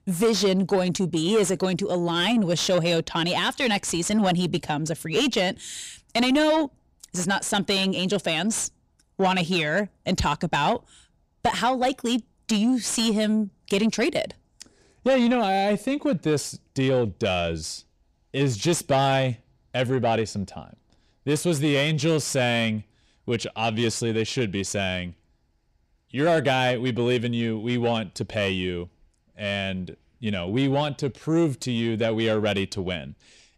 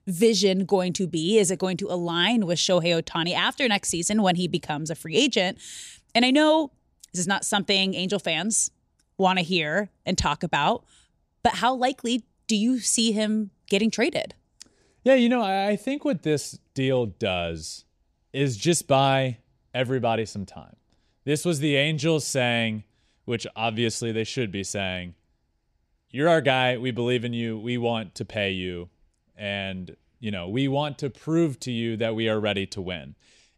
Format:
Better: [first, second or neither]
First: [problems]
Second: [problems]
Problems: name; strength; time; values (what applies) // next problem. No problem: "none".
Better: second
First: distortion; slight; 10 dB below the speech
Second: none